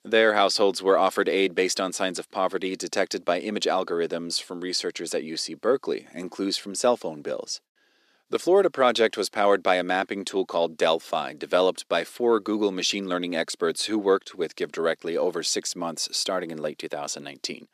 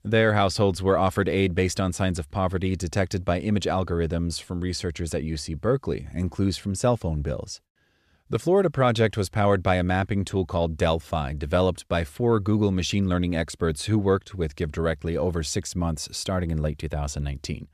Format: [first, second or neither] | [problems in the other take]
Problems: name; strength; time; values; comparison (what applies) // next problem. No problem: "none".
second | thin; somewhat; fading below 300 Hz